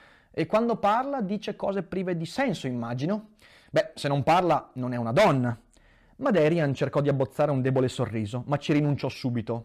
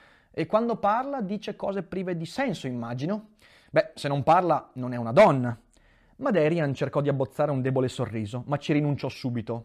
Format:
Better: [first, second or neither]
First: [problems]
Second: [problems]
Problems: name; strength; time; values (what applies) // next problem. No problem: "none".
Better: second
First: distortion; slight; 3% of the sound clipped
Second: none